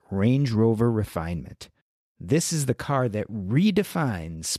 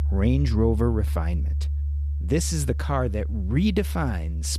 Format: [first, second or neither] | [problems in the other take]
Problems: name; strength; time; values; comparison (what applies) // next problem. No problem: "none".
first | background music; loud; throughout; 2 dB below the speech